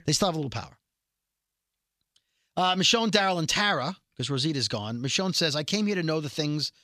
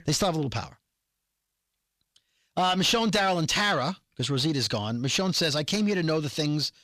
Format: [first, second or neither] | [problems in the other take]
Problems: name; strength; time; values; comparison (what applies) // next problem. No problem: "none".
first | distortion; slight; 10 dB below the speech